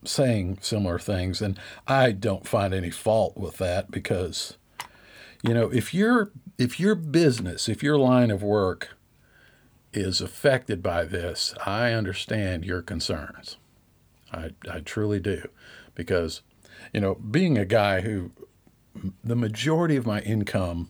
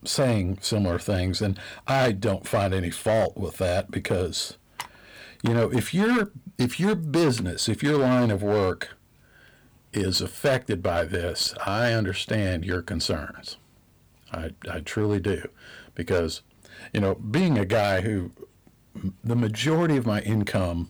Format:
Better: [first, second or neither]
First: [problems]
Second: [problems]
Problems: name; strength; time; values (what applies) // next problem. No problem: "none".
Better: first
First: none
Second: distortion; slight; 7% of the sound clipped